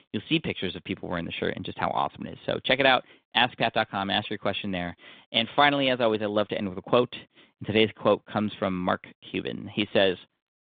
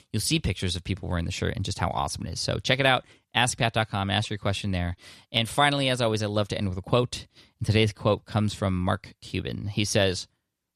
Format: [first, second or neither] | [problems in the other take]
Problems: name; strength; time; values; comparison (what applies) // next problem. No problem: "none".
second | phone-call audio; nothing above 3.5 kHz